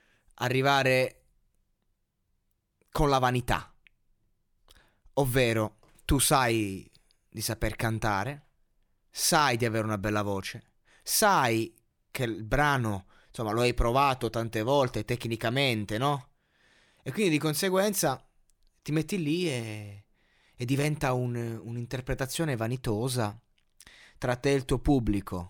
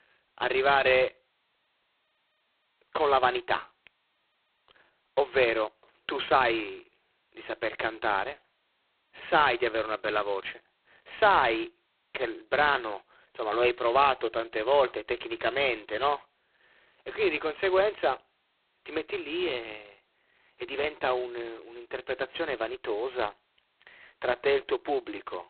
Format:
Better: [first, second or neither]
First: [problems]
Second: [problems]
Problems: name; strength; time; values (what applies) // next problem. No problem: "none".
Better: first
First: none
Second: phone-call audio; poor line; nothing above 4 kHz